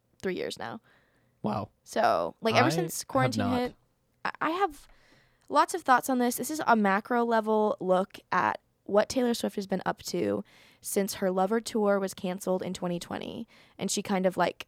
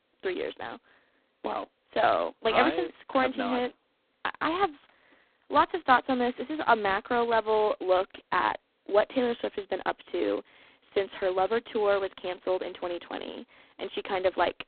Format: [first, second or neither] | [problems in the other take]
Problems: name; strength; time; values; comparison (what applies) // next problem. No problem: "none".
first | phone-call audio; poor line; nothing above 4 kHz